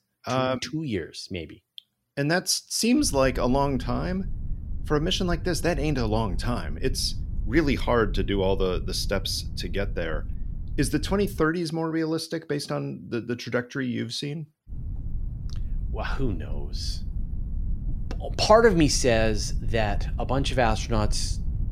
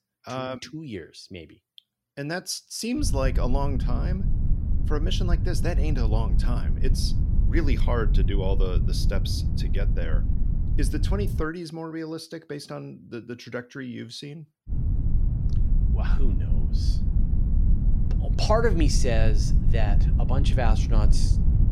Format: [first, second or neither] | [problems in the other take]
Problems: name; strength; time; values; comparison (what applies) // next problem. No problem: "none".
first | low rumble; loud; from 3 to 11 s and from 15 s on; 9 dB below the speech; faint in the first